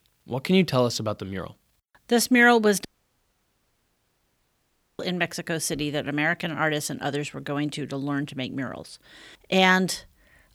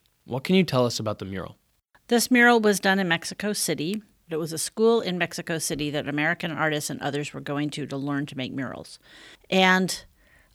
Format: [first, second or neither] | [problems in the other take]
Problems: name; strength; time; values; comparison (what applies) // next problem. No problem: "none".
second | audio cutting out; at 3 s for 2 s